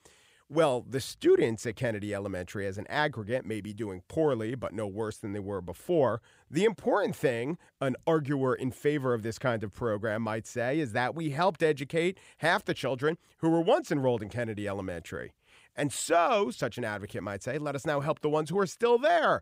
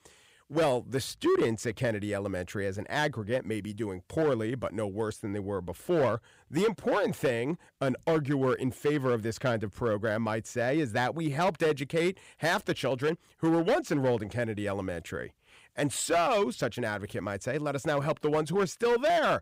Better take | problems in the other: first | distortion; slight; 6% of the sound clipped

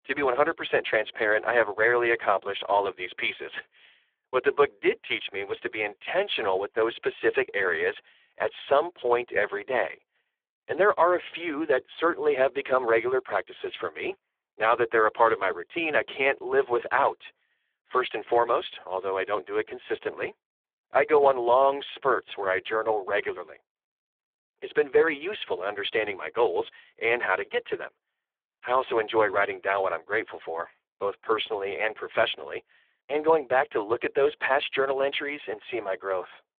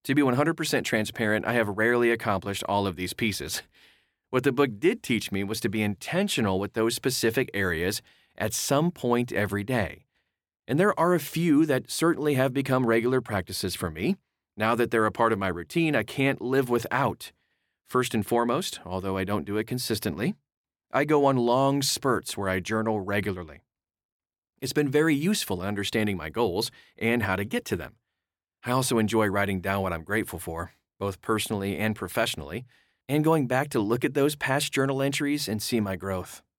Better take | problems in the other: second | phone-call audio; poor line; nothing above 3.5 kHz

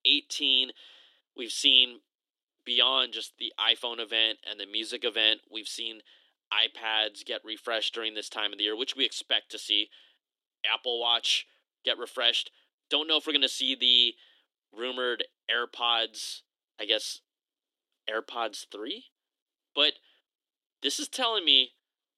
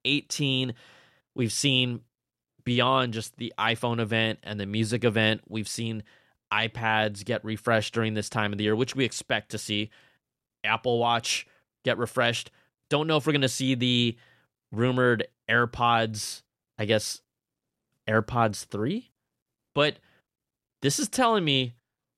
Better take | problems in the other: second | thin; somewhat; fading below 300 Hz

